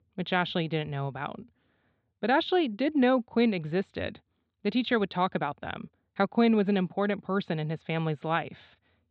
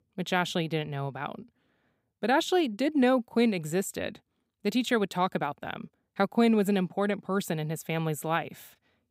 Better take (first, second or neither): second